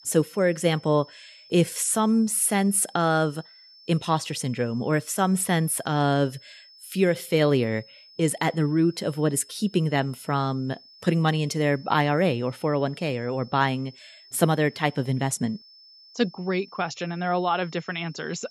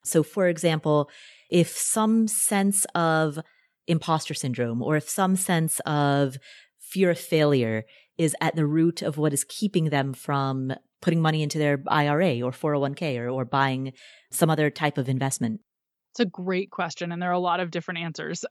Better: second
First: high-pitched whine; faint; throughout; 5.5 kHz, 25 dB below the speech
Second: none

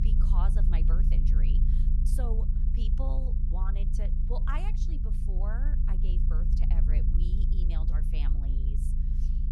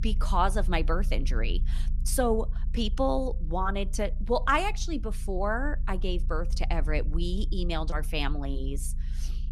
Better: second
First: low rumble; loud; throughout; 3 dB below the speech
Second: low rumble; faint; throughout; 25 dB below the speech

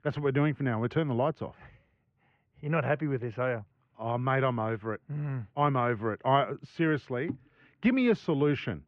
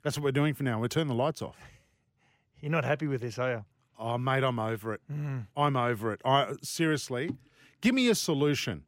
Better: second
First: muffled; very; fading above 2.5 kHz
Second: none

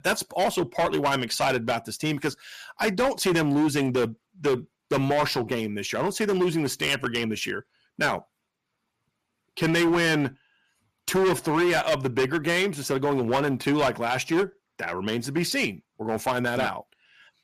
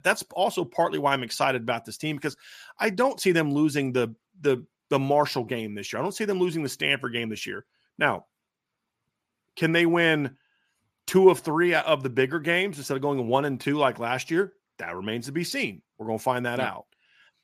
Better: second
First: distortion; heavy; 11% of the sound clipped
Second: none

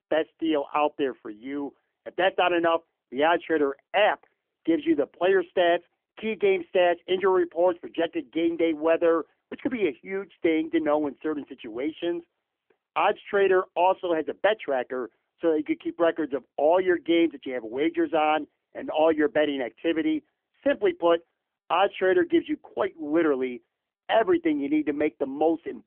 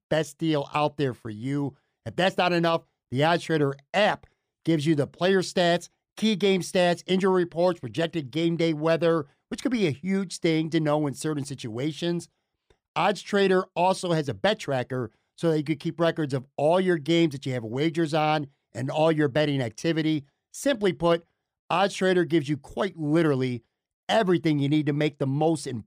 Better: second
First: phone-call audio; nothing above 3.5 kHz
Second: none

